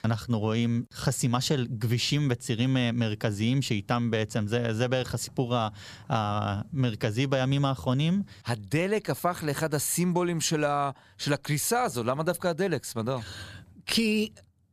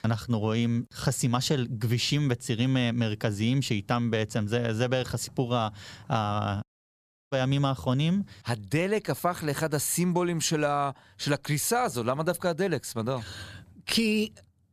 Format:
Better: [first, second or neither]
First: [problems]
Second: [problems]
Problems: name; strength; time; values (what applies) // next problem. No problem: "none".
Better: first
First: none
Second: audio cutting out; at 6.5 s for 0.5 s